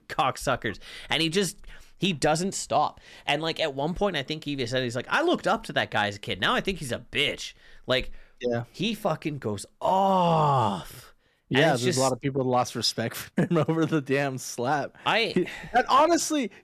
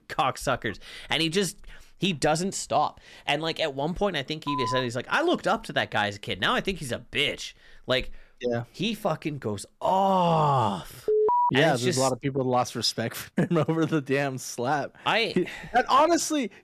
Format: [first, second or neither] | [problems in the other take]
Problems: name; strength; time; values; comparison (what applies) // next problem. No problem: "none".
first | phone ringing; noticeable; at 4.5 s; peak 4 dB below the speech // alarm; loud; at 11 s; peak 4 dB above the speech